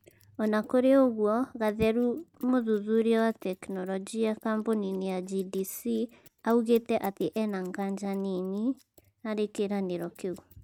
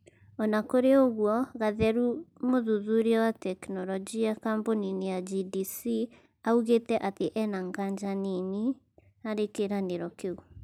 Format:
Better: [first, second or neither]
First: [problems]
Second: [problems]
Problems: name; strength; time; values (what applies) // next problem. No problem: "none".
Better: second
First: noise reduction (neural mask model RNNoise)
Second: none